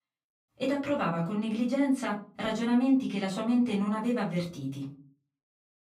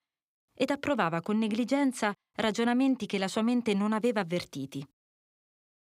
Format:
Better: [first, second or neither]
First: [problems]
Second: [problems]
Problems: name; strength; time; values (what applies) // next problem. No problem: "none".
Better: second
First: off-mic speech; far // room echo; very slight; dies away in 0.3 s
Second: none